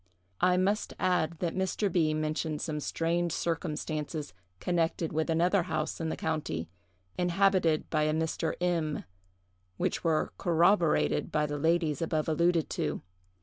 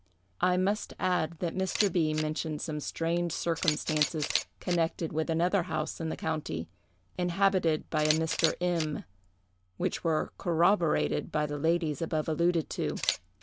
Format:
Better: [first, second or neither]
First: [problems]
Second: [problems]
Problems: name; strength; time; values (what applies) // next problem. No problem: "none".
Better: first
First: none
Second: background sound (Camera); 11 dB below the speech